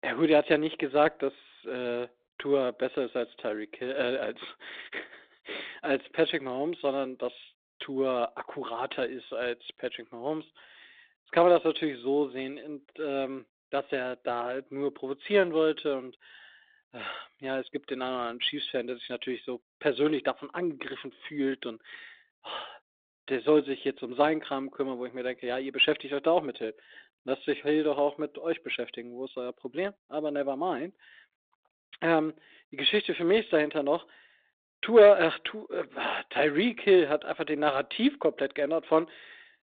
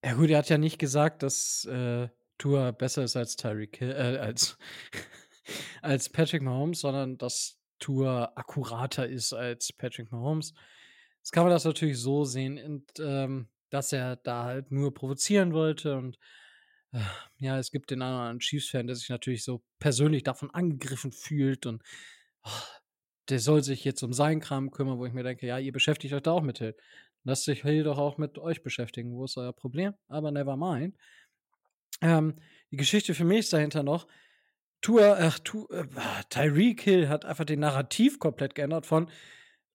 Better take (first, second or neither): second